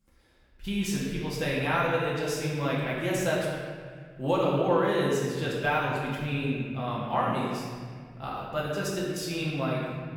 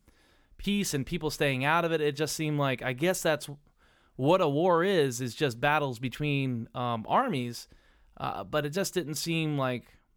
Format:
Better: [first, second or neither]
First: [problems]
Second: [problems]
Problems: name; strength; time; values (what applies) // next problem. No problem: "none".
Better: second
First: room echo; strong; dies away in 1.7 s // off-mic speech; far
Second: none